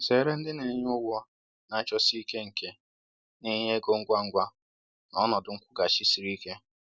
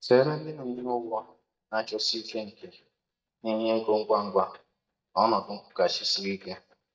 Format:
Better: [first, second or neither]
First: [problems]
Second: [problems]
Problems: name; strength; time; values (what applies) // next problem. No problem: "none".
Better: first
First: none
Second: noise reduction (neural mask model DeepFilterNet 3)